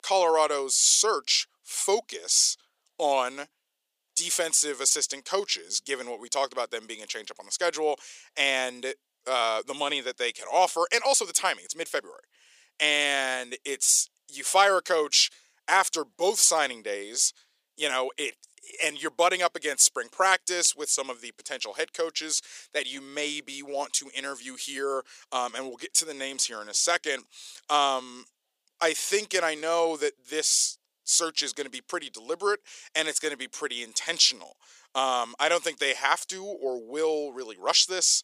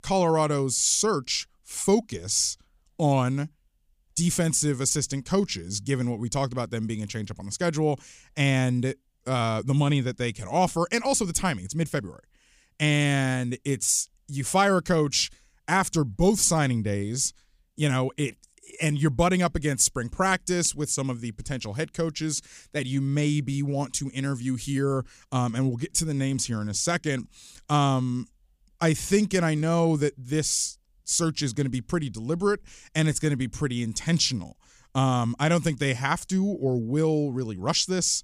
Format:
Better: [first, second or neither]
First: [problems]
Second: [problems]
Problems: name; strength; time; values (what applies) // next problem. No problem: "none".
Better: second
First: thin; very; fading below 450 Hz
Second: none